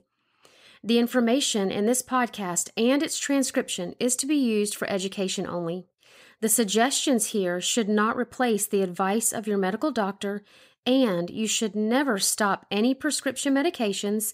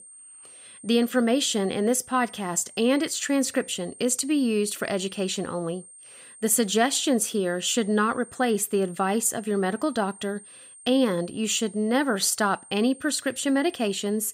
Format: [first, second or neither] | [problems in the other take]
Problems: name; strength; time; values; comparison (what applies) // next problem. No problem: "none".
first | high-pitched whine; faint; throughout; 8.5 kHz, 20 dB below the speech